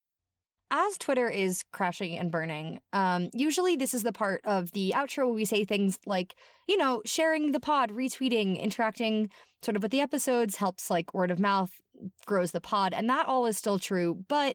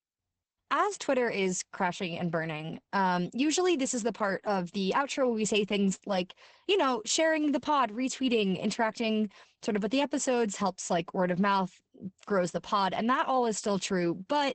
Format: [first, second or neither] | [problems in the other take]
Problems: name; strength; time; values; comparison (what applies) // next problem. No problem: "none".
first | garbled, watery; badly; nothing above 8 kHz; slightly in the first